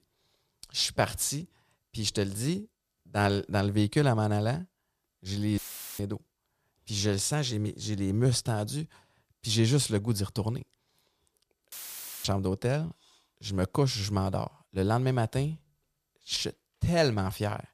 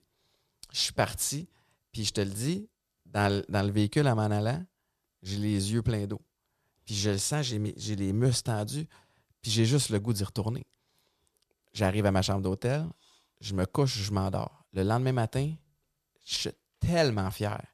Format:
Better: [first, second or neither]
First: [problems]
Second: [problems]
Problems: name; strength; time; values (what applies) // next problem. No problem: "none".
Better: second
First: audio cutting out; filled with static; at 5.5 s and at 12 s for 0.5 s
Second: none